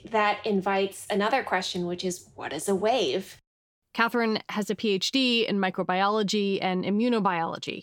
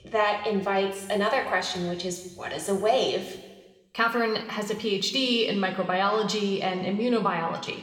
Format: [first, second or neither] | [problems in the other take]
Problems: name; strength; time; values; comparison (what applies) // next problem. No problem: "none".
first | room echo; slight; dies away in 1.2 s